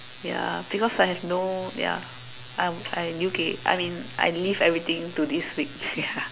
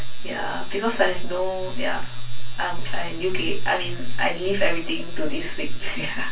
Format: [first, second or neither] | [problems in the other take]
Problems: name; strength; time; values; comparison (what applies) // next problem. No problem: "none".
first | room echo; dies away in 0.1 s